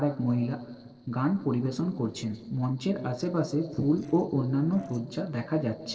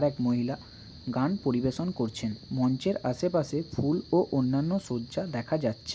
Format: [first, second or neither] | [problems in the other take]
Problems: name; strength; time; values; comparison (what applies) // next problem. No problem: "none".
second | noise reduction (neural separator model SepFormer DNS4)